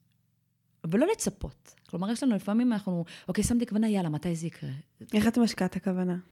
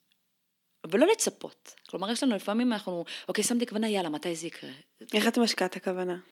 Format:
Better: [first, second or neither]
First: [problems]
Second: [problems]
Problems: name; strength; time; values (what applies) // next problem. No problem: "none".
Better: first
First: none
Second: thin; very slightly; fading below 250 Hz